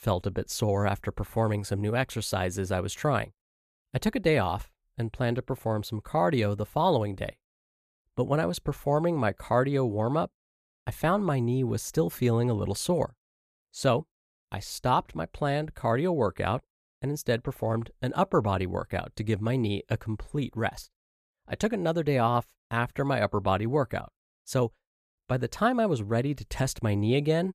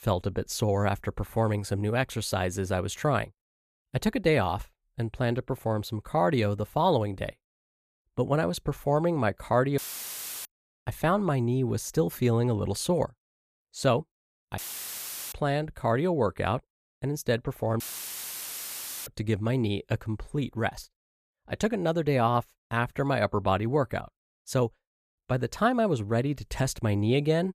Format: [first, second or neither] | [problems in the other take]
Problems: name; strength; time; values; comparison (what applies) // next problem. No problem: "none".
first | audio cutting out; filled with static; at 10 s for 0.5 s, at 15 s for 0.5 s and at 18 s for 1.5 s